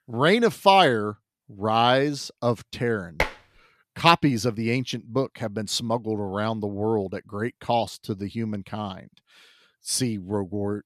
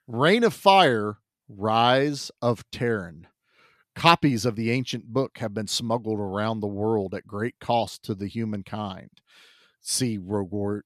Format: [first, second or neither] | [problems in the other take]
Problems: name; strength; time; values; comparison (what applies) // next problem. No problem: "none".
second | clattering dishes; noticeable; at 3 s; peak 4 dB below the speech